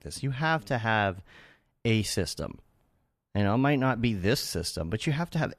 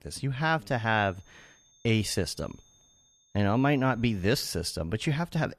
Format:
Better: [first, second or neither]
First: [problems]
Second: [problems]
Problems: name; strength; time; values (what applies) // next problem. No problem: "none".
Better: first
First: none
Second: high-pitched whine; faint; from 1 to 4.5 s; 6.5 kHz, 30 dB below the speech